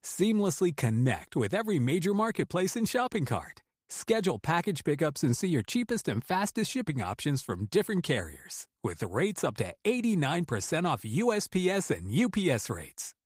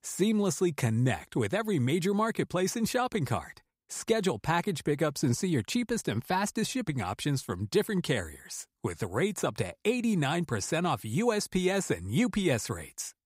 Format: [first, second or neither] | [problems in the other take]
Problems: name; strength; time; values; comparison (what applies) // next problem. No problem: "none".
second | garbled, watery; slightly; nothing above 15.5 kHz